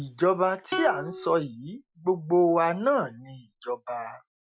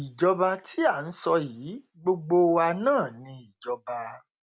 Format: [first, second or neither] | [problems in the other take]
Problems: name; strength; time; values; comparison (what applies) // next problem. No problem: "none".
second | noise reduction (classical method Wiener filter)